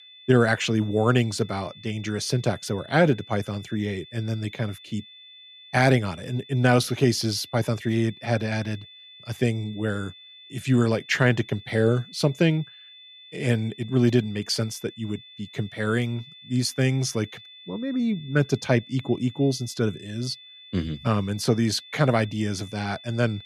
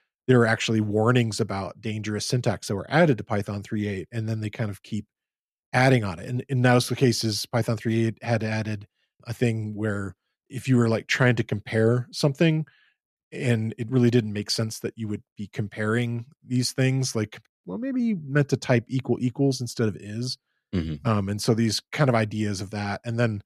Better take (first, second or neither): second